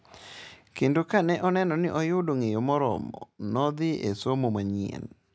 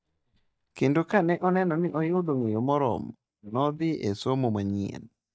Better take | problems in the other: first | noise reduction (neural mask model DeepFilterNet 3)

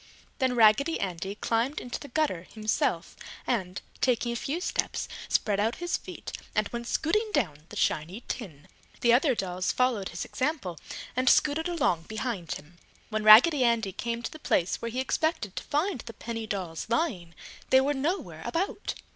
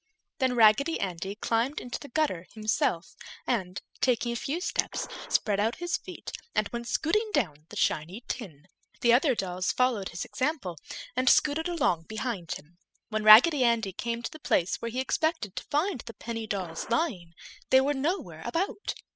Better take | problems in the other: first | noise reduction (classical method spectral subtraction)

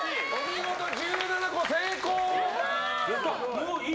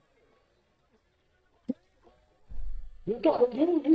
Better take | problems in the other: first | noise reduction (neural mask model DeepFilterNet 3)

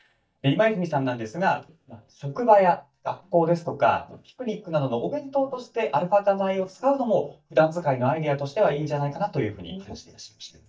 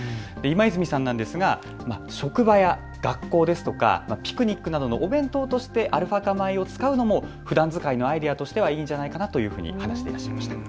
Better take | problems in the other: second | noise reduction (neural mask model DeepFilterNet 3)

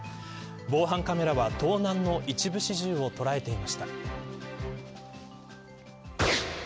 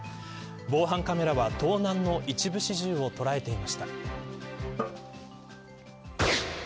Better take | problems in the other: first | background sound (Drum); 12 dB below the speech

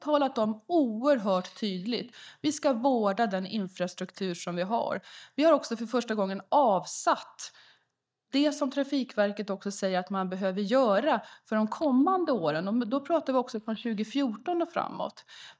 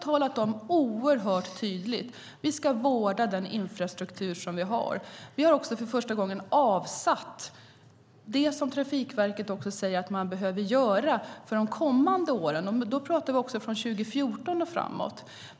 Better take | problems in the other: second | noise reduction (neural mask model DeepFilterNet 3)

